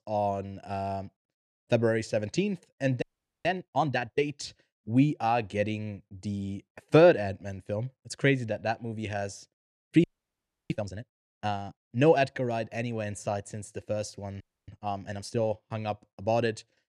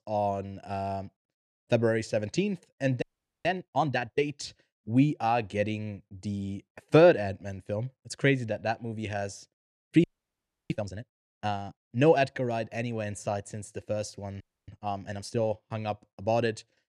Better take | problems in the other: neither | audio freezing; at 3 s, at 10 s for 0.5 s and at 14 s; the same in both

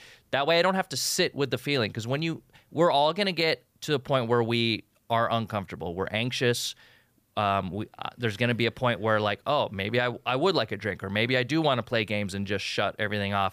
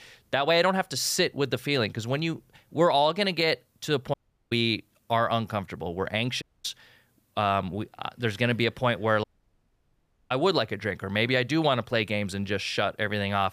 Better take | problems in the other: first | audio cutting out; at 4 s, at 6.5 s and at 9 s for 1 s

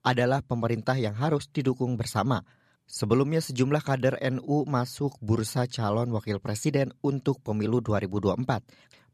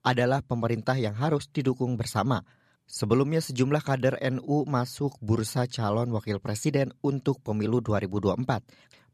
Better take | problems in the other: neither | none

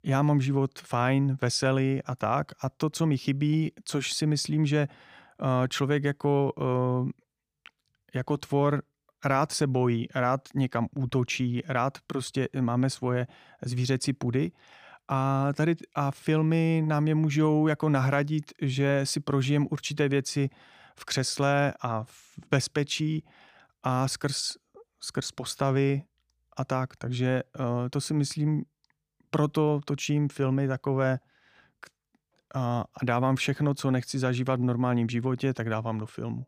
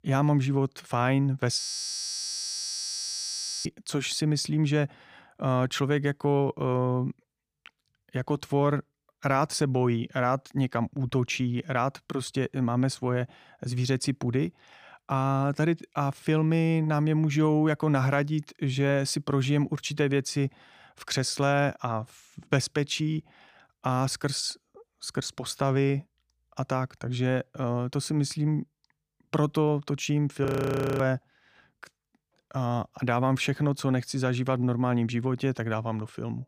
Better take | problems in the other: first | audio freezing; at 1.5 s for 2 s and at 30 s for 0.5 s

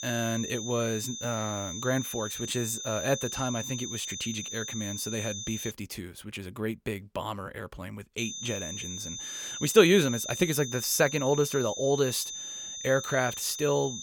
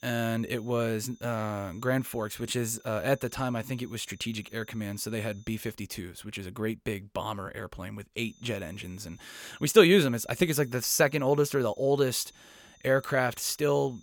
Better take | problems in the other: second | high-pitched whine; loud; until 5.5 s and from 8 s on; 6 kHz, 6 dB below the speech; faint in the second

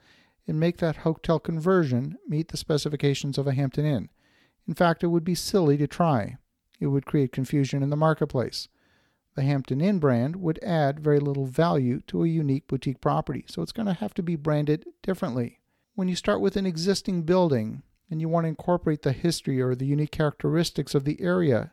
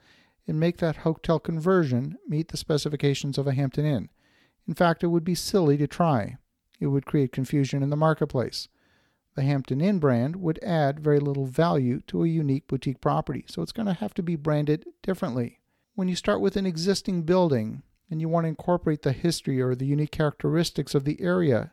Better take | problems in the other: neither | none

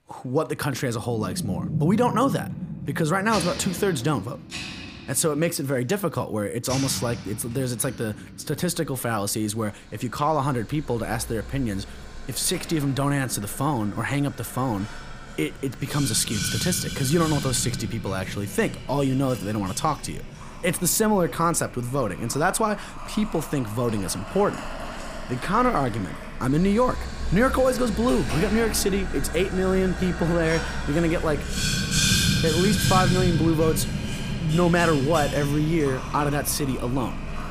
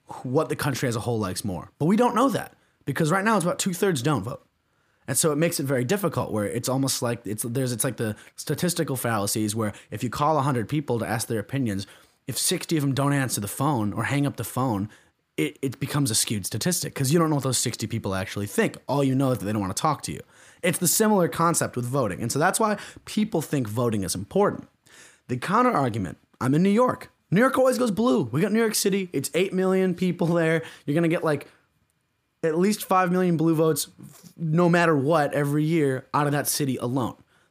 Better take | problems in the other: second | household noises; loud; throughout; 5 dB below the speech

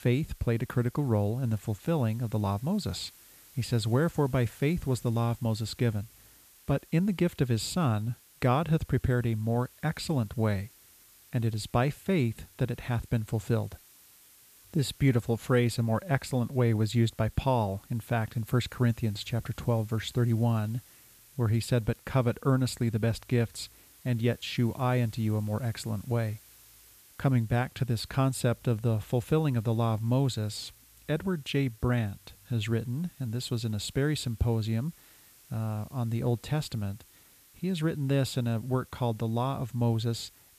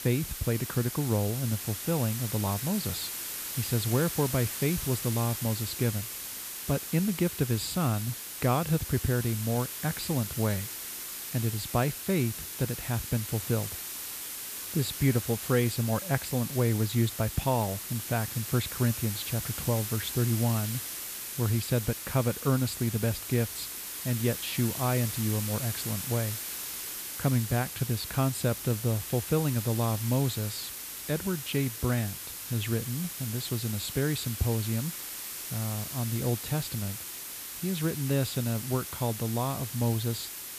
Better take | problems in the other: first | hiss; loud; throughout; 5 dB below the speech; faint in the first

